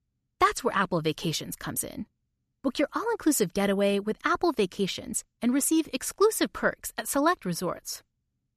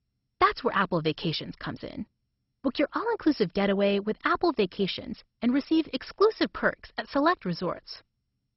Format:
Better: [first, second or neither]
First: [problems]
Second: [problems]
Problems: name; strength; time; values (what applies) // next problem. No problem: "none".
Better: first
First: none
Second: garbled, watery; badly; nothing above 5.5 kHz